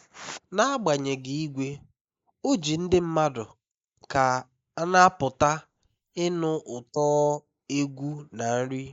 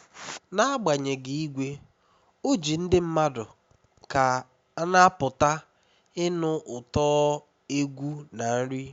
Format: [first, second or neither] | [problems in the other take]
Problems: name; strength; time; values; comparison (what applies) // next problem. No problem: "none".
second | noise reduction (neural mask model Resemble Enhance denoiser)